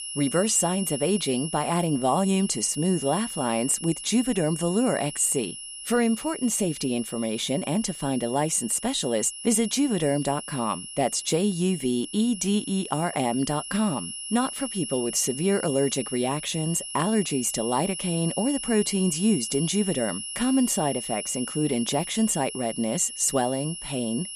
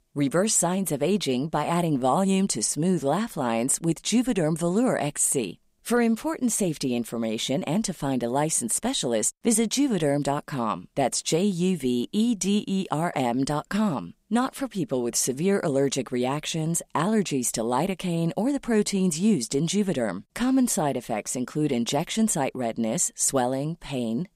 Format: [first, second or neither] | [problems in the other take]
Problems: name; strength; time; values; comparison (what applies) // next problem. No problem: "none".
second | high-pitched whine; loud; throughout; 3 kHz, 8 dB below the speech